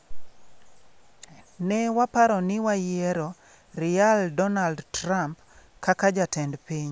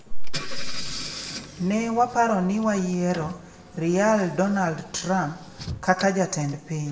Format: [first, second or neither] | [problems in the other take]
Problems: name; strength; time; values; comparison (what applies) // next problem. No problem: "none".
first | background sound (Engine / Car); 15 dB below the speech // room echo; dies away in 0.7 s